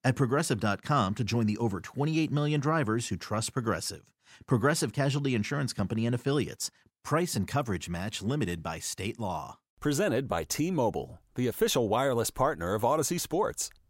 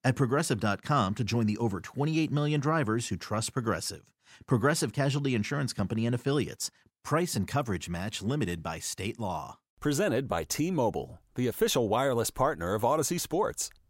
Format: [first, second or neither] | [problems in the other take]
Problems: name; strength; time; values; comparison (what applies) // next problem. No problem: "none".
neither | none